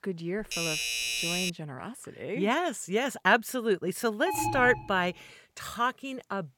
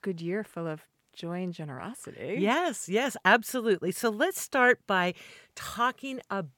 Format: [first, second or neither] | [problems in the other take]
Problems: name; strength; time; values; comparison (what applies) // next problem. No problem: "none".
second | doorbell; loud; until 1.5 s; peak 1 dB above the speech // alarm; noticeable; at 4.5 s; peak 2 dB below the speech